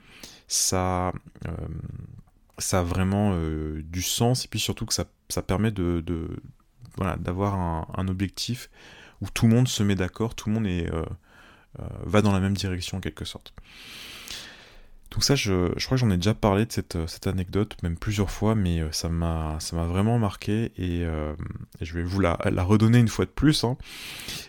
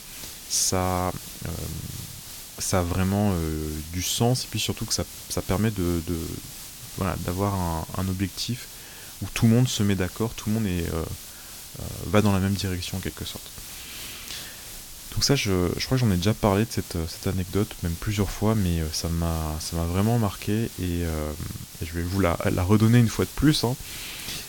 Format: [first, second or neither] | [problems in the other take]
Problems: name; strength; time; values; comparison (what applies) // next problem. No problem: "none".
first | hiss; noticeable; throughout; 15 dB below the speech